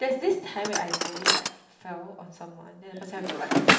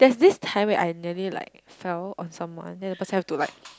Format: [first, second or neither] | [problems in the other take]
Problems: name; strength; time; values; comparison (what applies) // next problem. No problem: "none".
second | background sound (Drawer open or close); 4 dB above the speech // room echo; dies away in 0.8 s